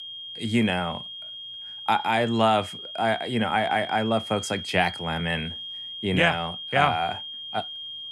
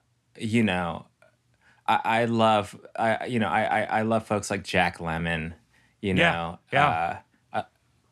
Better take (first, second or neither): second